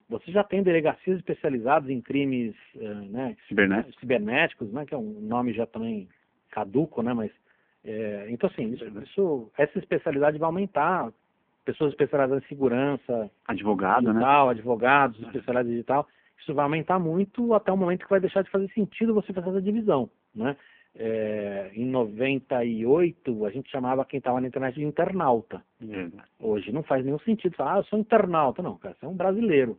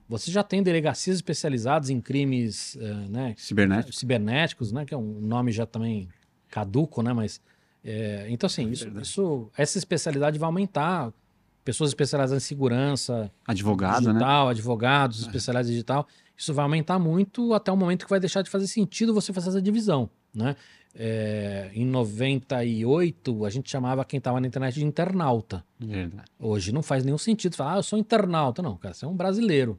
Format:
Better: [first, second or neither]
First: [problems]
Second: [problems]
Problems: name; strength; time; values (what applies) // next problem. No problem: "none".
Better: second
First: phone-call audio; poor line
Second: none